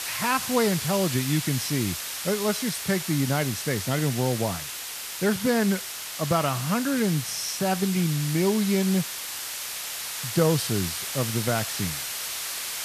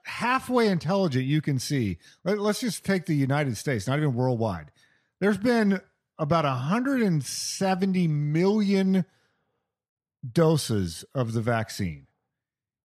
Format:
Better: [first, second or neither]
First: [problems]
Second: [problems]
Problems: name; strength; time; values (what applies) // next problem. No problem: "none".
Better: second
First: hiss; loud; throughout; 5 dB below the speech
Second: none